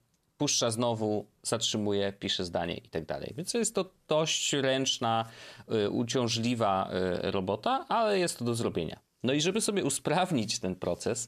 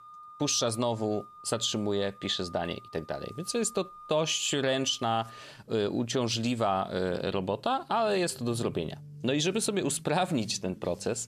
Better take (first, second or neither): first